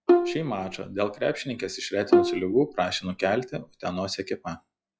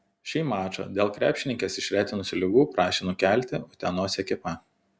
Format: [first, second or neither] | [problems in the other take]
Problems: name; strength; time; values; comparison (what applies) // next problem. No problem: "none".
second | noise reduction (classical method log-MMSE)